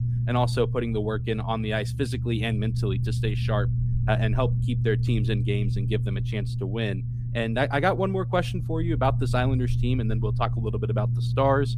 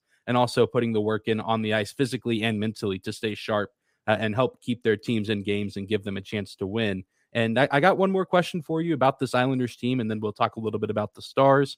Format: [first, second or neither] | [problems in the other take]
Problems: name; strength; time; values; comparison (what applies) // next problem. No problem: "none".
second | low rumble; noticeable; throughout; 10 dB below the speech